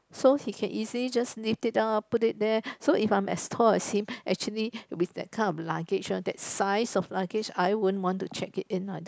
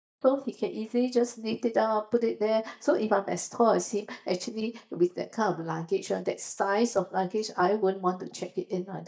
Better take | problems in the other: first | noise reduction (neural mask model DeepFilterNet 3)

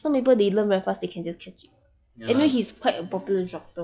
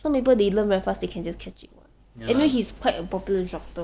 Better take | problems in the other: second | noise reduction (classical method log-MMSE)

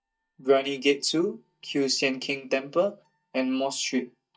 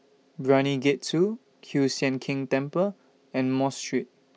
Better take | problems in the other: second | noise reduction (neural mask model DeepFilterNet 3)

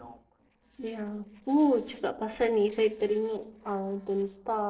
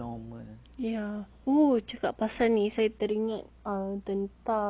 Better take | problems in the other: second | noise reduction (neural separator model SepFormer DNS4)

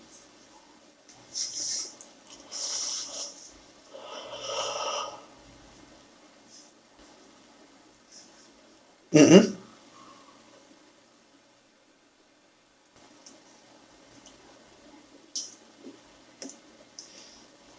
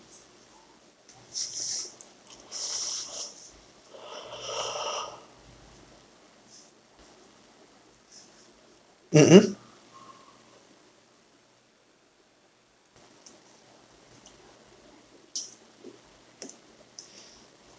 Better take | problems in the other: second | room echo; dies away in 0.1 s

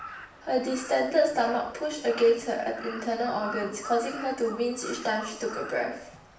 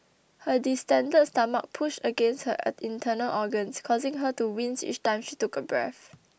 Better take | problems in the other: second | background sound (Crow); 15 dB below the speech // room echo; dies away in 0.6 s

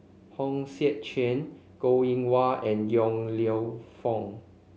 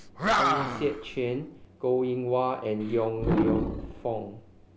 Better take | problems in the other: first | background sound (Animal); 1 dB below the speech

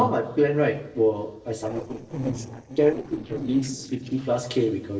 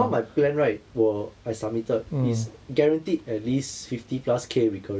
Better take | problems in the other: second | noise reduction (neural separator model SepFormer DNS4)

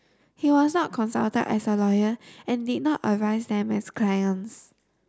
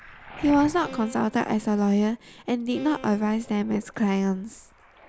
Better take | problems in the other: first | background sound (Bowed string instrument + Waves, surf); 18 dB below the speech

